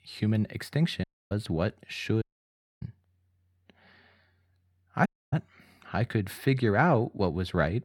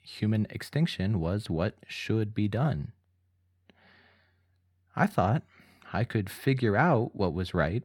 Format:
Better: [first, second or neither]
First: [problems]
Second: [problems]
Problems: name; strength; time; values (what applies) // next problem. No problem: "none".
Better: second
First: audio cutting out; at 1 s, at 2 s for 0.5 s and at 5 s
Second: none